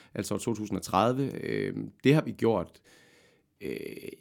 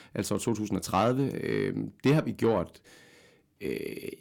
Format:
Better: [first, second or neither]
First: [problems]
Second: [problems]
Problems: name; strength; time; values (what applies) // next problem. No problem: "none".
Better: first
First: none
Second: distortion; slight; 10 dB below the speech